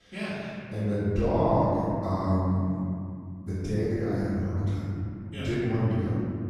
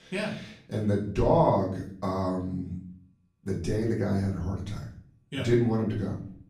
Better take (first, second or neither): second